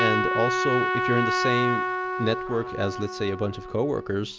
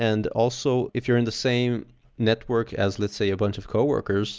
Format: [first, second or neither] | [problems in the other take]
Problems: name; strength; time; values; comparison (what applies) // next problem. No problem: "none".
second | background sound (Trumpet); as loud as the speech